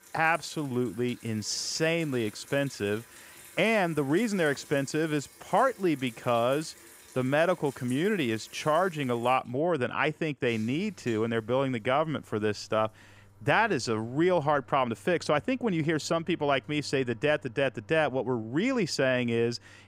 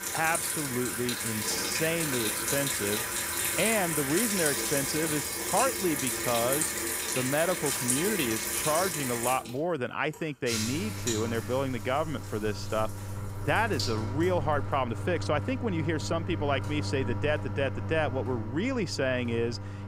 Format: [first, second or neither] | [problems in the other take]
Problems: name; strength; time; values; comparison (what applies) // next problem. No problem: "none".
first | household noises; loud; throughout; as loud as the speech; faint in the first